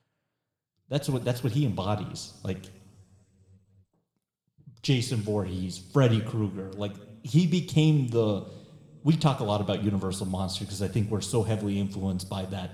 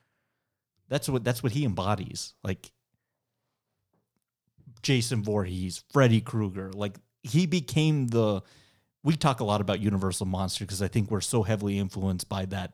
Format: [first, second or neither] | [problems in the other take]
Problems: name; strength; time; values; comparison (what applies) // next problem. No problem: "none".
second | room echo; slight; dies away in 1.9 s